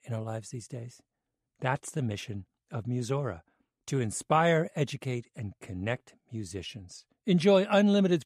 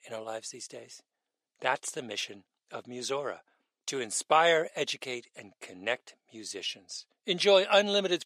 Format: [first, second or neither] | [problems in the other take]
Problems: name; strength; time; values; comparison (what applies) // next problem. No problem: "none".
first | thin; very; fading below 500 Hz